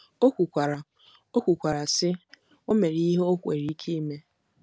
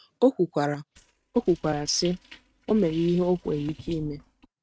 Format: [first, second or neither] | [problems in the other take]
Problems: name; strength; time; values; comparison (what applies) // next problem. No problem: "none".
first | noise reduction (neural mask model RNNoise)